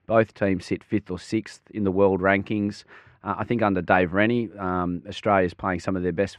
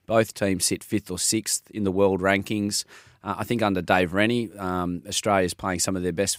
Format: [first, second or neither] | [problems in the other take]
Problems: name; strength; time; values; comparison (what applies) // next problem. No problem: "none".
second | muffled; very; fading above 2 kHz